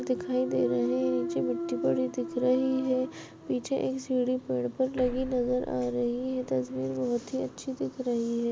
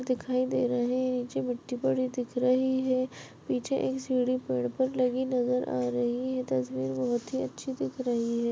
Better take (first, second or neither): second